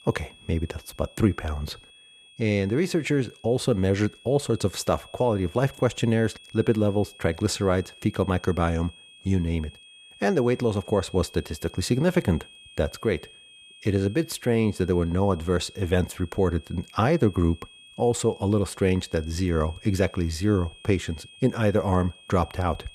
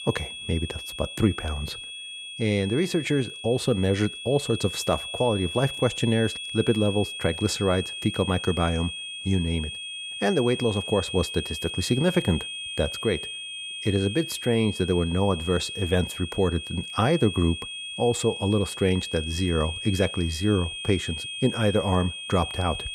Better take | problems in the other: first | high-pitched whine; loud; throughout; 3.5 kHz, 7 dB below the speech; faint in the first

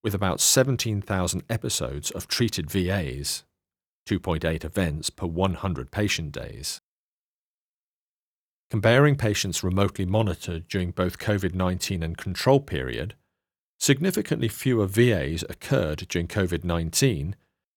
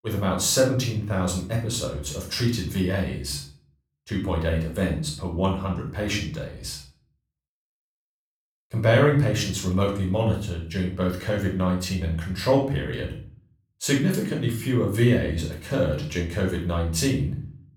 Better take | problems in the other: first | off-mic speech; somewhat distant // room echo; noticeable; dies away in 0.4 s

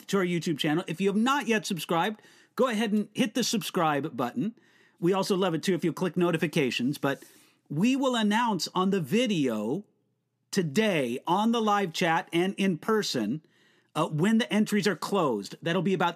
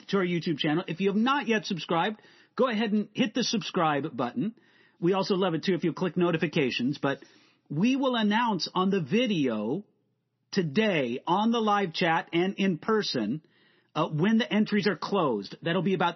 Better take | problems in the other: first | garbled, watery; slightly; nothing above 6 kHz

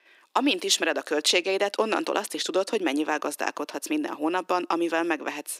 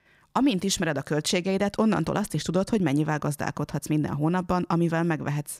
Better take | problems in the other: second | thin; somewhat; fading below 300 Hz

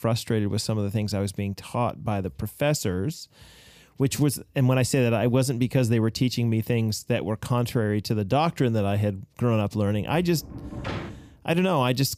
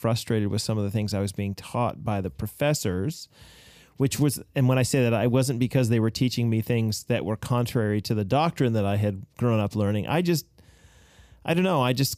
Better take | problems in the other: second | door banging; noticeable; from 10 to 11 s; peak 8 dB below the speech

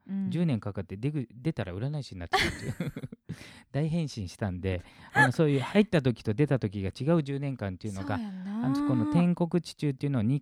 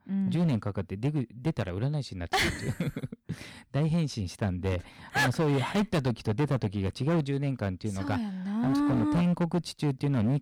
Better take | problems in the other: first | distortion; heavy; 11% of the sound clipped

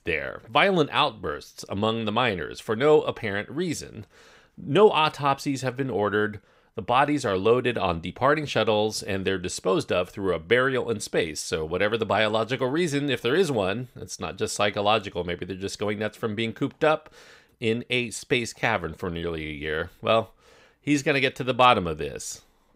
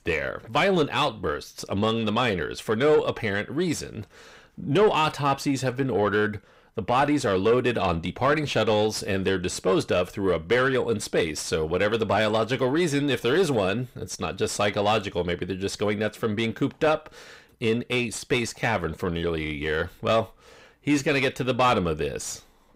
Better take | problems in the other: first | distortion; slight; 10 dB below the speech

